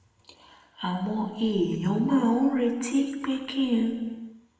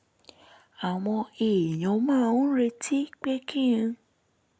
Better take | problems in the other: second | room echo; dies away in 1.1 s

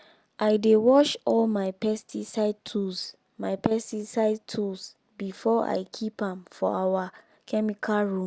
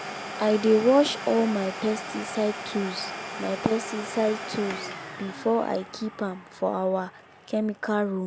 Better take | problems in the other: first | background sound (Domestic sounds, home sounds); 10 dB below the speech

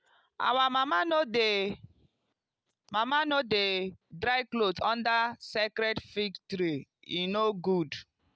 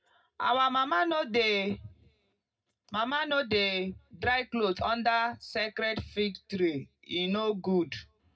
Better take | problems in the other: first | room echo; dies away in 0.2 s

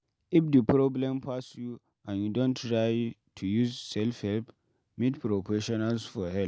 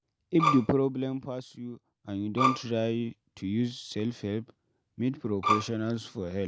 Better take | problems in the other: first | background sound (Bowed string instrument); as loud as the speech

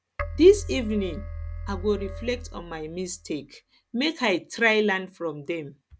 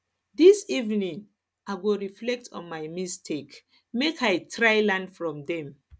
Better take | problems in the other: second | background sound (Keyboard (musical)); 10 dB below the speech

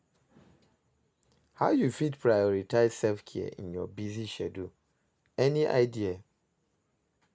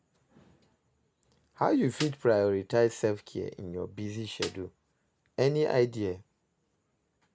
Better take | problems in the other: first | background sound (Snare drum); 11 dB below the speech

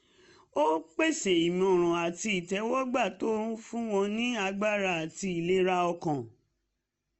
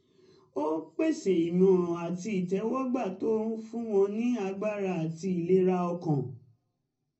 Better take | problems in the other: first | room echo; dies away in 0.4 s

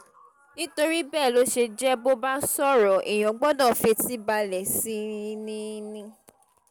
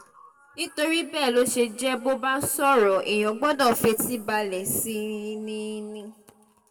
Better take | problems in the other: first | room echo; dies away in 0.9 s

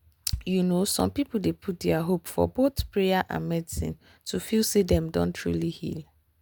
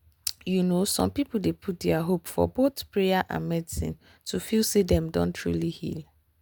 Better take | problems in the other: second | background sound (Bass drum); 16 dB below the speech

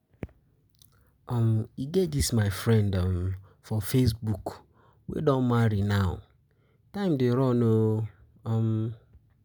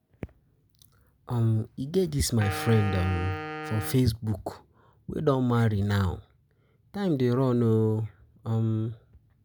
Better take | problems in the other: first | background sound (Wind instrument, woodwind instrument); 10 dB below the speech

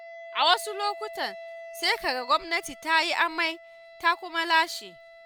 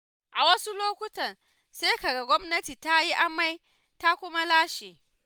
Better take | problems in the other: second | background sound (Wind instrument, woodwind instrument); 16 dB below the speech

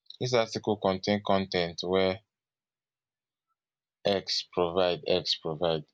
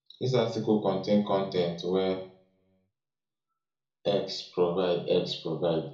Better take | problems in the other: first | room echo; dies away in 0.5 s

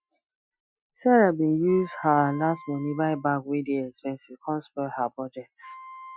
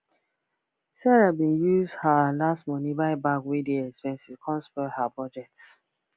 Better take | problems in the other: second | noise reduction (classical method Wiener filter)

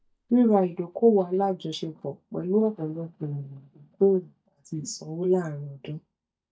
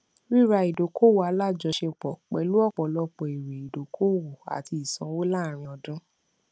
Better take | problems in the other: second | noise reduction (neural mask model DeepFilterNet 3)

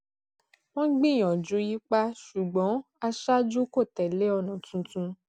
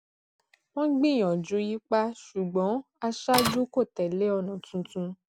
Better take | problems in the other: first | background sound (Printer); 1 dB above the speech

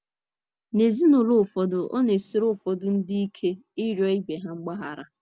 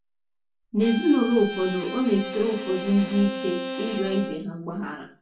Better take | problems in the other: first | background sound (Bowed string instrument); 9 dB below the speech // room echo; dies away in 0.3 s

